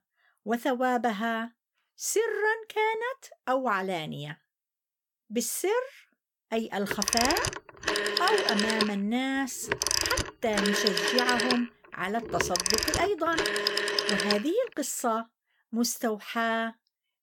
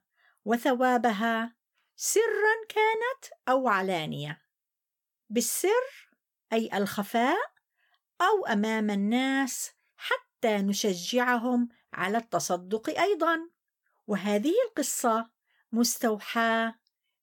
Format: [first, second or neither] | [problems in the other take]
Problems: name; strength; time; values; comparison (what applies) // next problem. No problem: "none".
second | phone ringing; loud; from 7 to 14 s; peak 4 dB above the speech